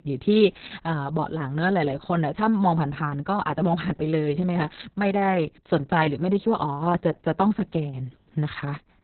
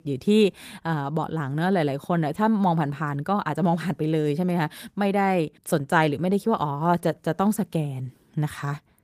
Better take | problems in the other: second | garbled, watery; badly; nothing above 4 kHz; slightly in the second

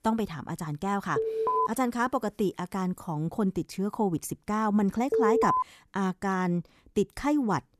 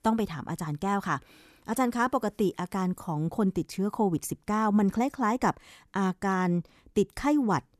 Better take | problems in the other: second | alarm; loud; at 1 s and at 5 s; peak 5 dB above the speech

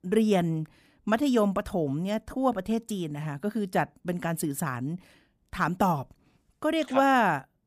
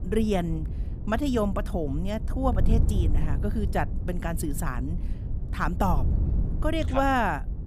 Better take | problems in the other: first | wind noise on the microphone; occasional gusts; 15 dB below the speech

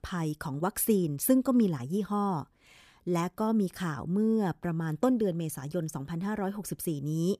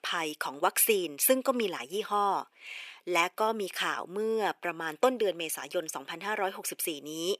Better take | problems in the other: first | thin; very; fading below 450 Hz

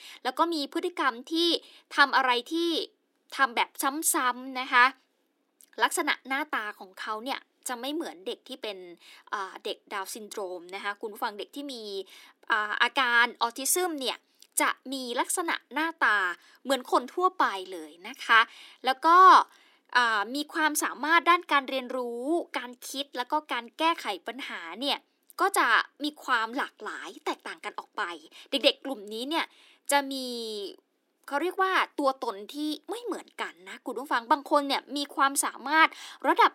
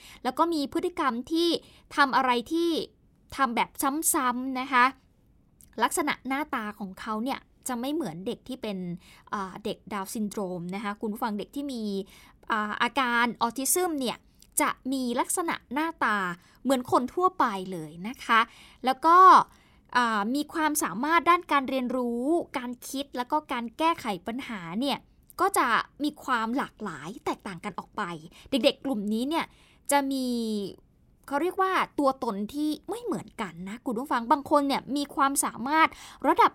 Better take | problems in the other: second | thin; very slightly; fading below 300 Hz

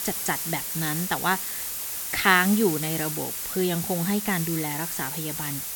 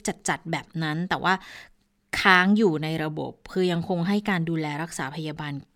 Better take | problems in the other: second | hiss; loud; throughout; 2 dB below the speech

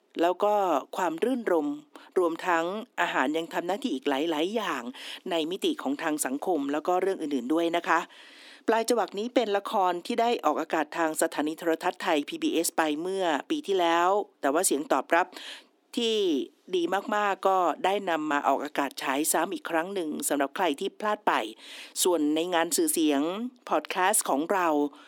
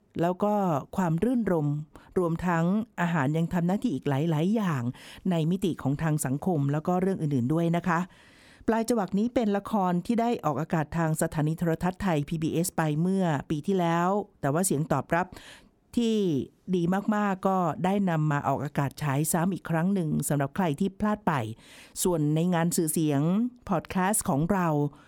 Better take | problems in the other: second | thin; somewhat; fading below 300 Hz

